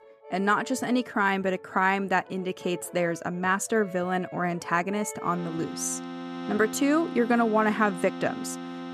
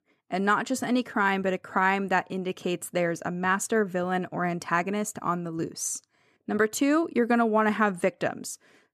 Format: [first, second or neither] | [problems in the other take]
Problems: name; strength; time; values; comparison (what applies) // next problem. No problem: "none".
second | background music; noticeable; throughout; 15 dB below the speech